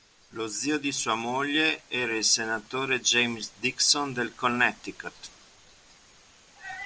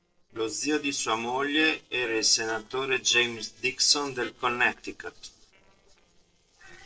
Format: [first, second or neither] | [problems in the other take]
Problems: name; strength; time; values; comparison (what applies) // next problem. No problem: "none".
first | noise reduction (neural separator model SepFormer DNS4)